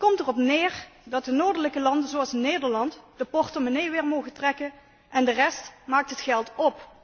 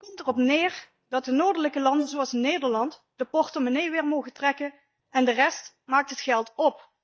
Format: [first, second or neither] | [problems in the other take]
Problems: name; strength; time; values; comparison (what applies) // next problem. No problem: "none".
first | noise reduction (neural mask model DeepFilterNet 3)